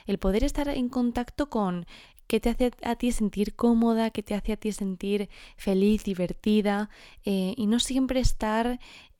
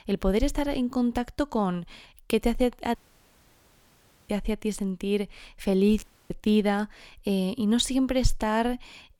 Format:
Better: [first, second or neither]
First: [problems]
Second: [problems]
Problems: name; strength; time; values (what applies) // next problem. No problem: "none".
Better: first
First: none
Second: audio cutting out; at 3 s for 1.5 s and at 6 s